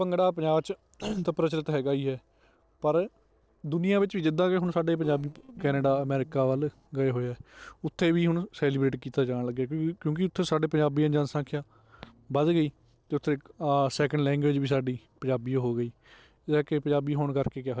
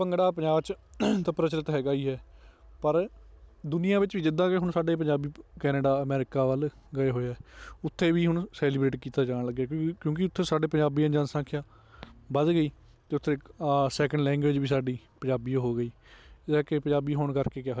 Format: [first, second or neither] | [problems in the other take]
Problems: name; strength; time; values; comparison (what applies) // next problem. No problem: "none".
second | noise reduction (neural separator model SepFormer DNS4)